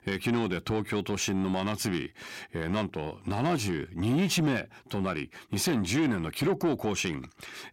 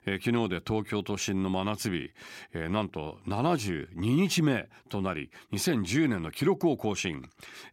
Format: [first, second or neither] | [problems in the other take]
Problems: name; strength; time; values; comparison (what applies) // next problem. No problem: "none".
second | distortion; slight; 10 dB below the speech